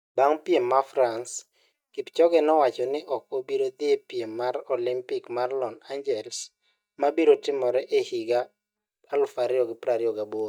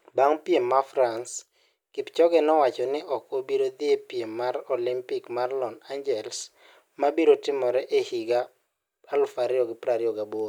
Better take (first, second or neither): second